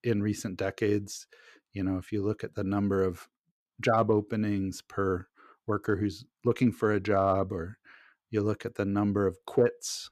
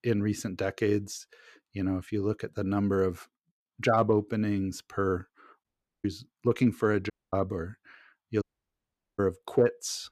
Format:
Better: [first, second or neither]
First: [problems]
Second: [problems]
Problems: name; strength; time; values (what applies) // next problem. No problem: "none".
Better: first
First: none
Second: audio cutting out; at 5.5 s, at 7 s and at 8.5 s for 1 s